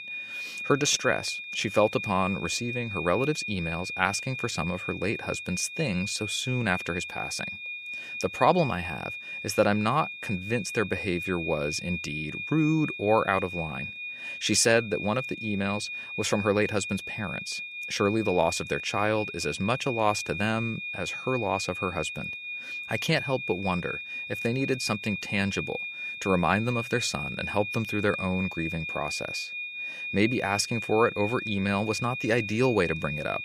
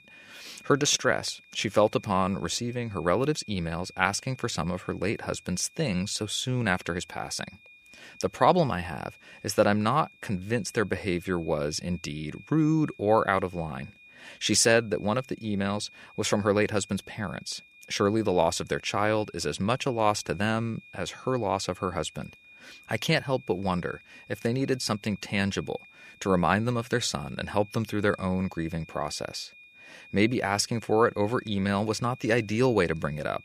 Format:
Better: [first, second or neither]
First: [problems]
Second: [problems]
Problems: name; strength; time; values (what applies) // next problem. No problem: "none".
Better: second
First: high-pitched whine; loud; throughout; 2.5 kHz, 6 dB below the speech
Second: high-pitched whine; faint; throughout; 2.5 kHz, 25 dB below the speech